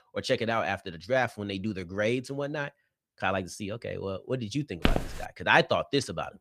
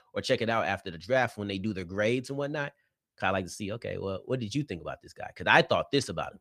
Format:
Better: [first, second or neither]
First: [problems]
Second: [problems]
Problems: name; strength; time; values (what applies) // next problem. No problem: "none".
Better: second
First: footsteps; loud; at 5 s; peak level with the speech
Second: none